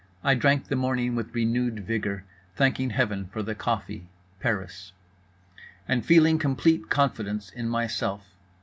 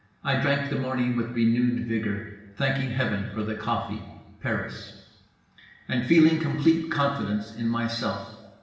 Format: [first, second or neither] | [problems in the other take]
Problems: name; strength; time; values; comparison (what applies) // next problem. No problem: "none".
first | room echo; dies away in 1.1 s